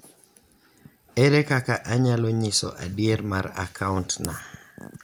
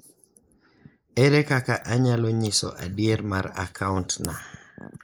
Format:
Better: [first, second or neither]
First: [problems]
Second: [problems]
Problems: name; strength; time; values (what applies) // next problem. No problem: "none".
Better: first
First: none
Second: noise reduction (neural mask model Resemble Enhance denoiser)